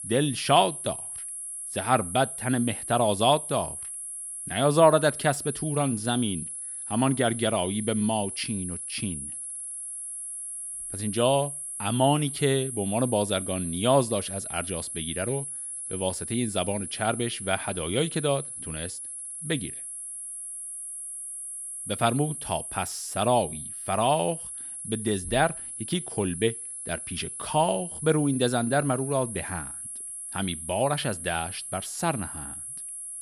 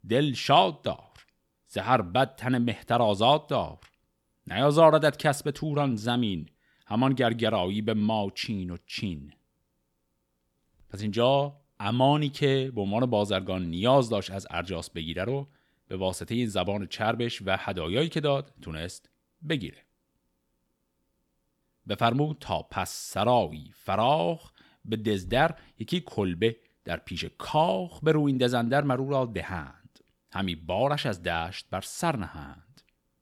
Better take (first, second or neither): second